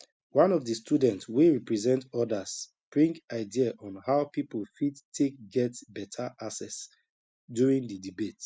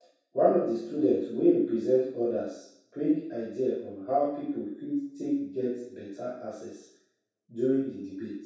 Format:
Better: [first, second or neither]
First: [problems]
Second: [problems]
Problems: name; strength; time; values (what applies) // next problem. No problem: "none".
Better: first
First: none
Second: room echo; dies away in 0.7 s